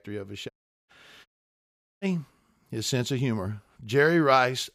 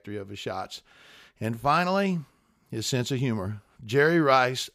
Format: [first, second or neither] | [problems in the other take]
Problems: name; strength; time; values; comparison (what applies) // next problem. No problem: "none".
second | audio cutting out; at 0.5 s and at 1.5 s for 0.5 s